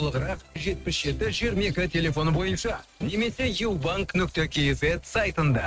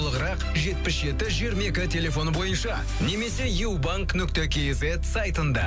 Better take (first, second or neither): second